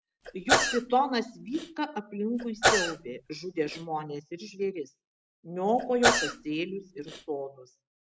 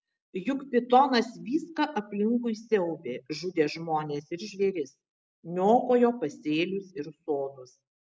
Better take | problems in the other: second | background sound (Sneeze / Cough); 2 dB above the speech

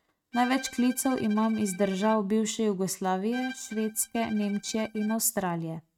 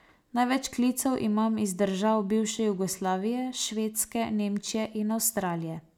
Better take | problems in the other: second | noise reduction (neural mask model RNNoise)

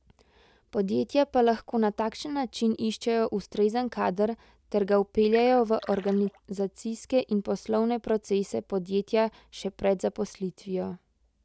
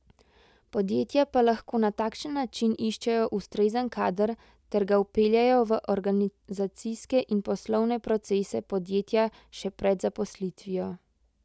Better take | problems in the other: second | background sound (Splash, splatter); 20 dB below the speech

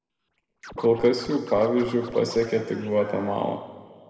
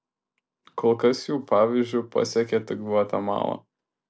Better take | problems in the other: second | background sound (Scratching (performance technique)); 19 dB below the speech // room echo; dies away in 1.9 s

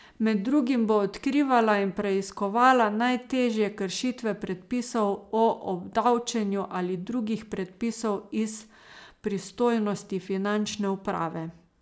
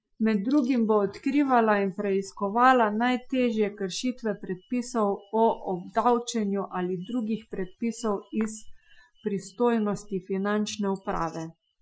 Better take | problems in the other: first | noise reduction (classical method Wiener filter)

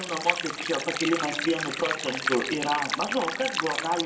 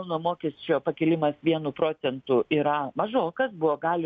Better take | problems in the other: second | background sound (Stream); 2 dB below the speech // room echo; dies away in 0.6 s

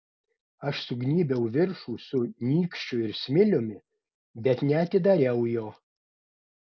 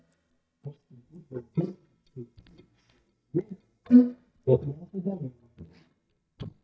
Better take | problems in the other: first | noise reduction (neural mask model DeepFilterNet 3)

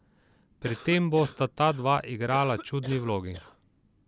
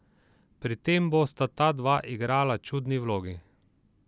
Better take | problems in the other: second | background sound (Cough); 17 dB below the speech

